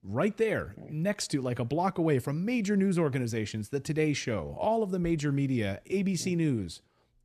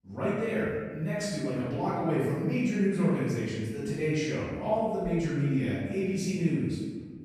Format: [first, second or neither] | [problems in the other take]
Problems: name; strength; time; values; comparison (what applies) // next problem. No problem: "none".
first | off-mic speech; far // room echo; strong; dies away in 1.2 s